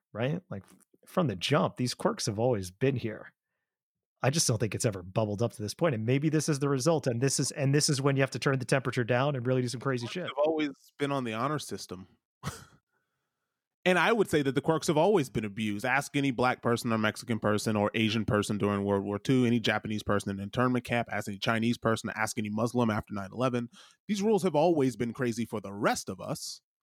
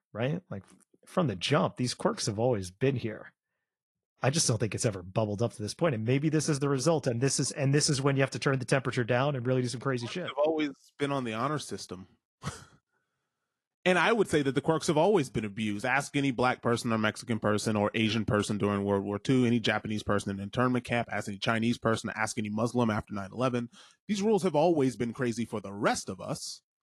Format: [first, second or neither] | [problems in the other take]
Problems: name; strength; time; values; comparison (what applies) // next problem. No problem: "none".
first | garbled, watery; slightly